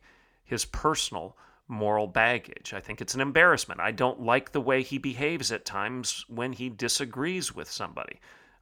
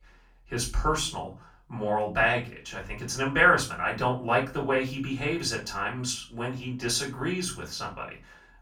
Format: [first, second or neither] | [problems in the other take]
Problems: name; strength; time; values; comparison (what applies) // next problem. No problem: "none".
first | off-mic speech; far // room echo; slight; dies away in 0.3 s